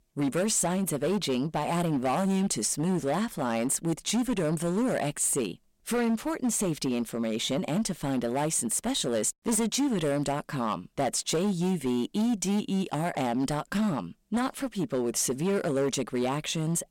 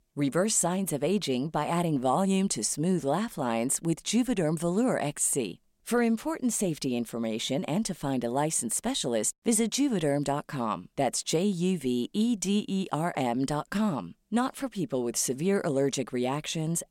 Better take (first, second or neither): second